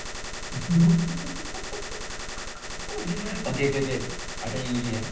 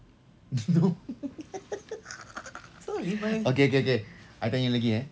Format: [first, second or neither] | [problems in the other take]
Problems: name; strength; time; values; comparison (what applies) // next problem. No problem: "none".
second | background sound (Gunshot, gunfire); 6 dB below the speech // room echo; dies away in 0.6 s